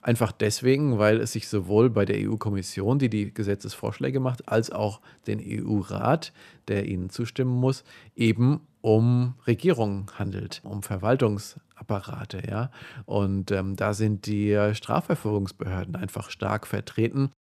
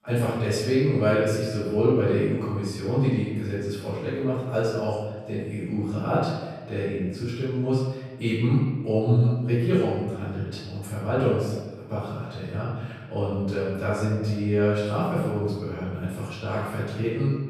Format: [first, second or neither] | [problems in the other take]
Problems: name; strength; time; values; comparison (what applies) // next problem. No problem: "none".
first | room echo; strong; dies away in 1.2 s // off-mic speech; far